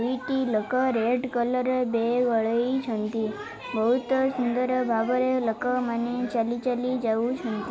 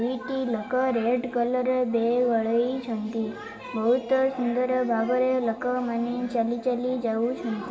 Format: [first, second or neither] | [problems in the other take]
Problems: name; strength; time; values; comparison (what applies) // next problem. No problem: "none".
first | room echo; dies away in 2.6 s